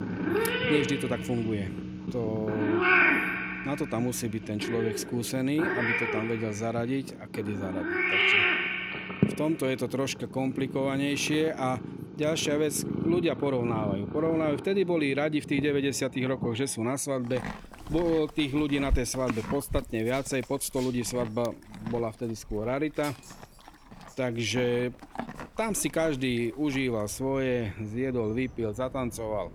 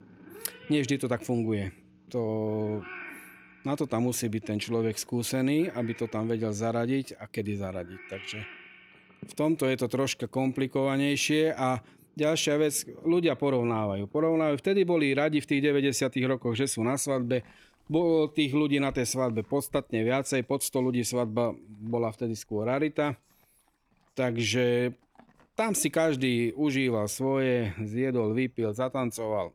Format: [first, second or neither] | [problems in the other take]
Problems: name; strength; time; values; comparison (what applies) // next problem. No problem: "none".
second | animal sounds; loud; throughout; 1 dB below the speech; faint in the second